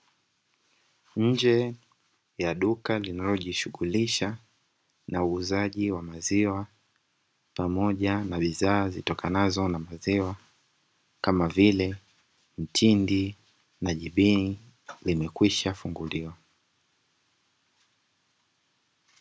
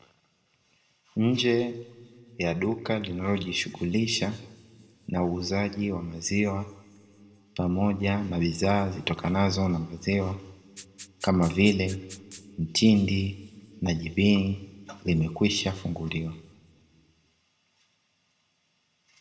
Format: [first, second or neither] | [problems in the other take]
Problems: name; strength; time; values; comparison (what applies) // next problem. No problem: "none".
first | background sound (Rattle (instrument)); 19 dB below the speech // room echo; dies away in 1.1 s